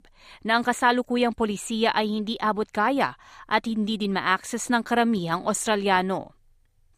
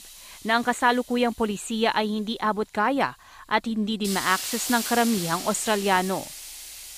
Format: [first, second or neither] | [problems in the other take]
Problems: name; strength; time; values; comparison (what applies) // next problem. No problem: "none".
first | hiss; loud; throughout; 7 dB below the speech